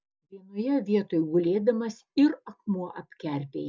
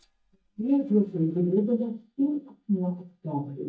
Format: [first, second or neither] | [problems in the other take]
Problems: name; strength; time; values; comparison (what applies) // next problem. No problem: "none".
first | noise reduction (neural mask model DeepFilterNet 3)